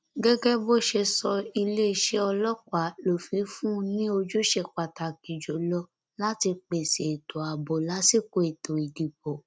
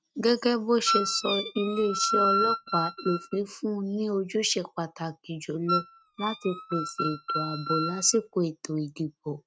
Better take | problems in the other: first | noise reduction (neural mask model RNNoise)

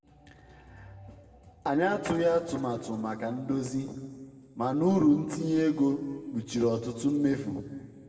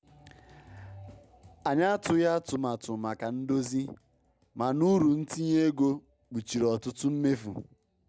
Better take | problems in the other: second | room echo; dies away in 1.9 s

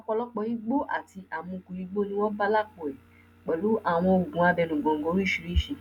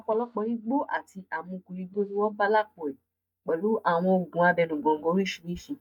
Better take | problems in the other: first | noise reduction (neural mask model DeepFilterNet 3)

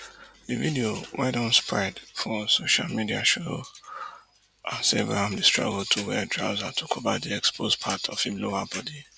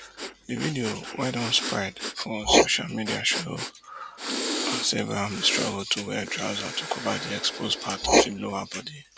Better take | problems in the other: first | background sound (Writing + Breathing); as loud as the speech

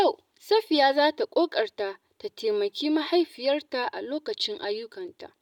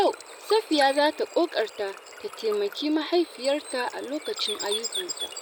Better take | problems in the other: first | background sound (Water / Bird); 11 dB below the speech

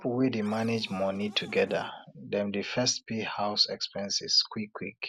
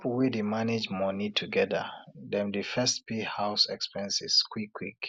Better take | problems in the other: second | background sound (Cupboard open or close); 20 dB below the speech

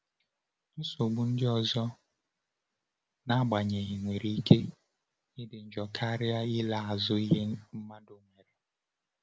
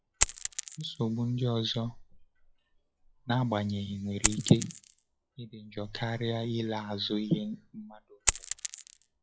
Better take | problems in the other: first | noise reduction (classical method log-MMSE)

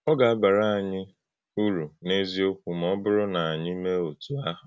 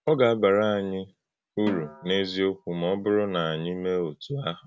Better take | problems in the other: first | background sound (Snare drum); 16 dB below the speech

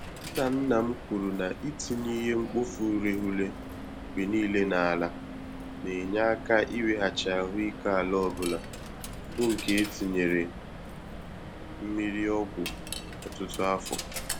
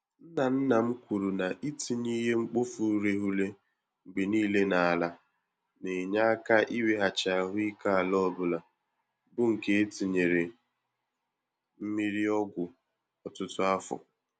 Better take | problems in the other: second | background sound (Coin (dropping)); 9 dB below the speech

